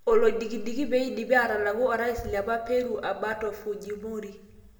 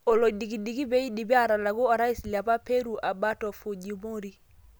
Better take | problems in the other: second | room echo; dies away in 0.8 s

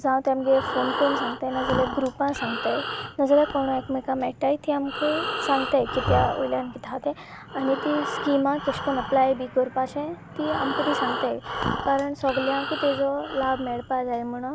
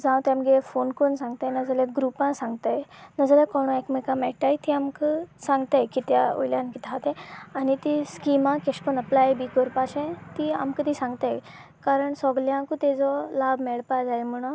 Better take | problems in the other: second | background sound (Breathing); 7 dB below the speech

